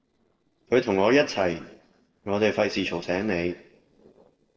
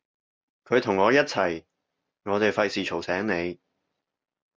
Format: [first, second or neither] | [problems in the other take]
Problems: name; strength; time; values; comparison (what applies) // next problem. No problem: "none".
second | noise reduction (neural separator model SepFormer DNS4)